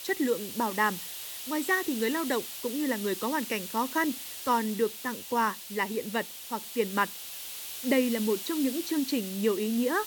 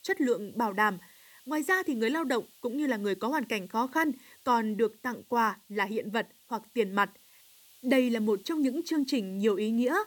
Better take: second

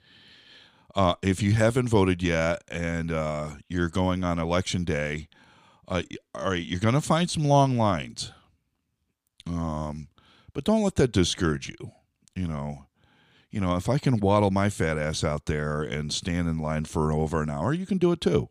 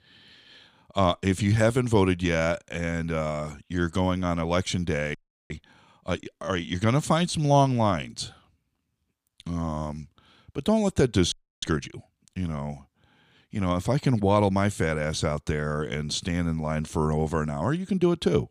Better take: first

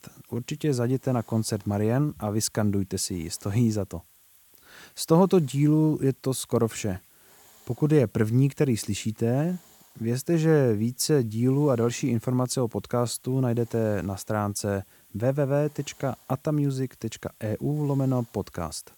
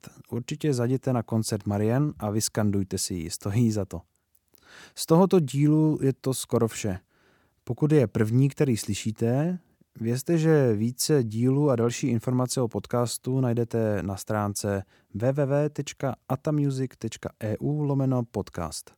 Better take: second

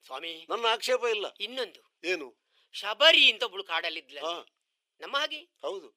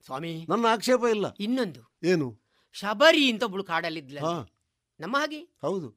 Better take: second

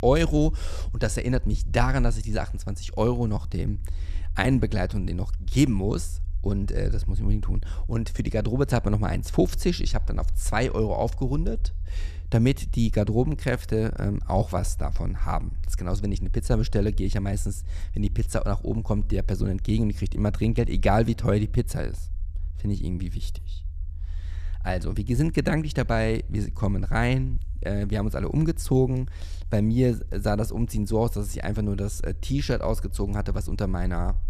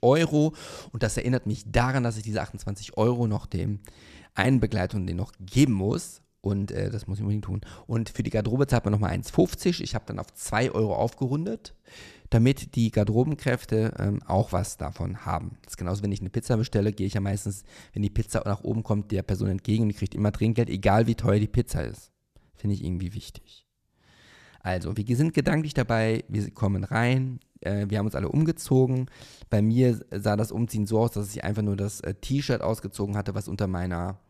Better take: second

